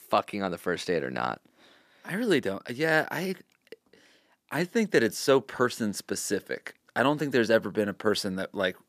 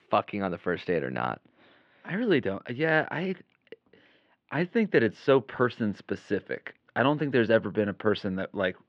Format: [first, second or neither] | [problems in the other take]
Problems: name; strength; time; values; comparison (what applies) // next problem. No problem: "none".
first | muffled; very; fading above 3 kHz